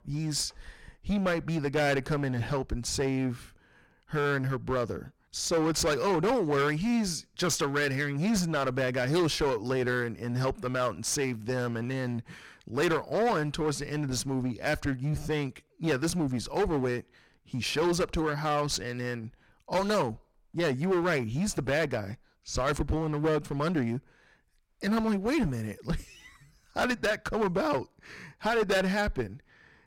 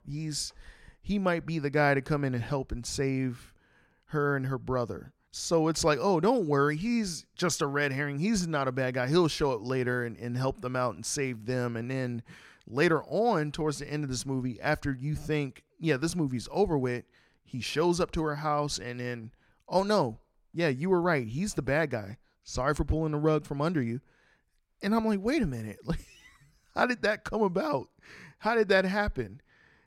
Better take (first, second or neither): second